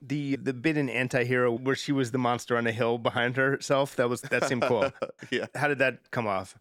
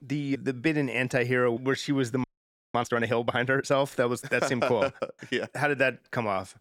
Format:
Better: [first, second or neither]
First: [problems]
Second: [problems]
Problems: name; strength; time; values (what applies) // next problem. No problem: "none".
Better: first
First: none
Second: audio freezing; at 2 s for 0.5 s